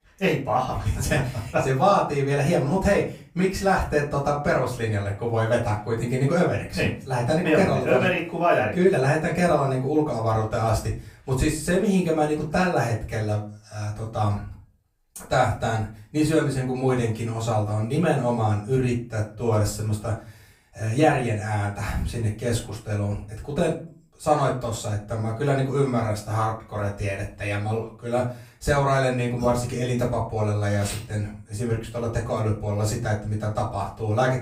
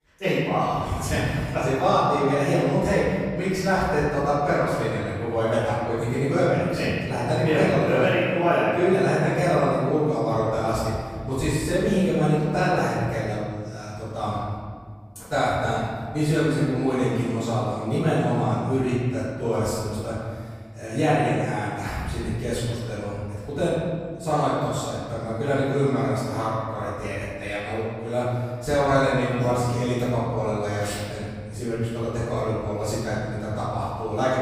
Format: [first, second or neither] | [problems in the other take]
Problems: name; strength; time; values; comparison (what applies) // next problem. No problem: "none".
first | room echo; strong; dies away in 1.8 s; slight in the first // off-mic speech; far; far in the first